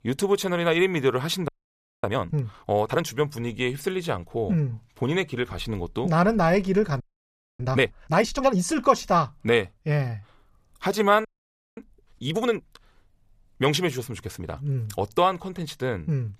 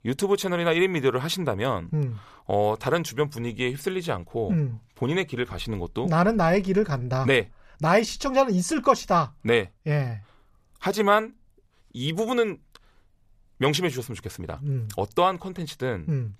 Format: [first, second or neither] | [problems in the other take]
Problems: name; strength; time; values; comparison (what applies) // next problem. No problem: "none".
second | audio freezing; at 1.5 s for 0.5 s, at 7 s for 0.5 s and at 11 s for 0.5 s